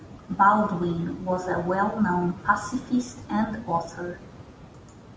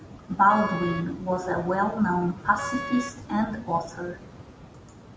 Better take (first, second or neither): first